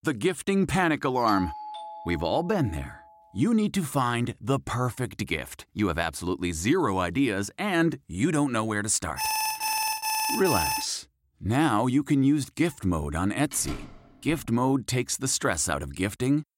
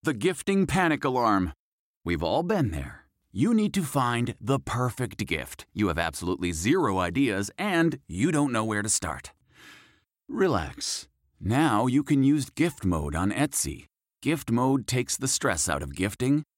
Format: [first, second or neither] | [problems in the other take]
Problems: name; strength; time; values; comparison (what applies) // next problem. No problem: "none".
second | doorbell; noticeable; from 1.5 to 3 s; peak 9 dB below the speech // alarm; loud; from 9 to 11 s; peak 1 dB above the speech // door banging; faint; at 14 s; peak 15 dB below the speech